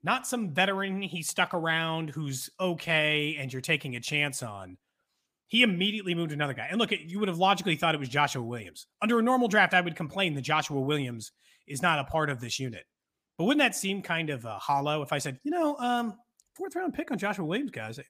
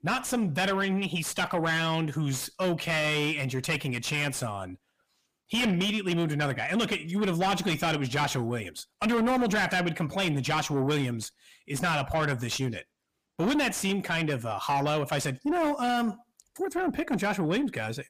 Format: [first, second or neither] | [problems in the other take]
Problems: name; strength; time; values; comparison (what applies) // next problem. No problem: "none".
first | distortion; heavy; 6 dB below the speech